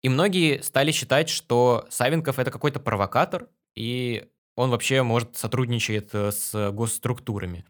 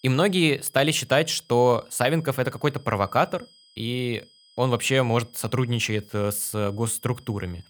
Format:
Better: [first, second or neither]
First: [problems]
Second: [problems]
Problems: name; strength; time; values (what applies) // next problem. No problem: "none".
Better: first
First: none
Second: high-pitched whine; faint; throughout; 5 kHz, 30 dB below the speech